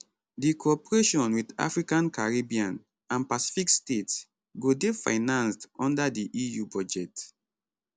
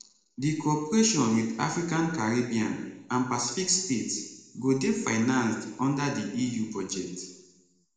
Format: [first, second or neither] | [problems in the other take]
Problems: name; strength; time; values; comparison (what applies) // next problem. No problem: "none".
first | room echo; dies away in 1 s